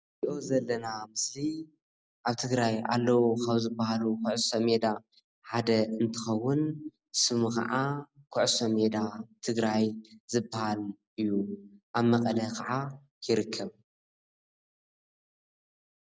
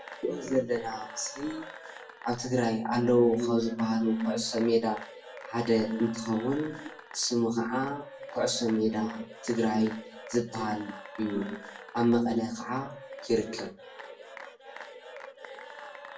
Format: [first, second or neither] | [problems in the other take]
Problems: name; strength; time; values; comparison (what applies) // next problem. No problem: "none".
first | background sound (Applause / Cheering / Clapping); 16 dB below the speech // room echo; dies away in 0.2 s